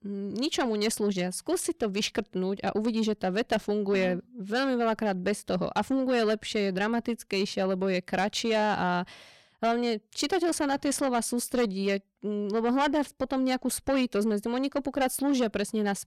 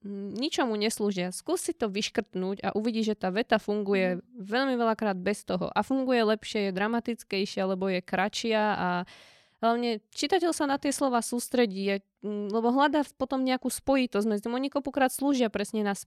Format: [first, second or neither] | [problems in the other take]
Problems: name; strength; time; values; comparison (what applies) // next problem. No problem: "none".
second | distortion; slight; 10 dB below the speech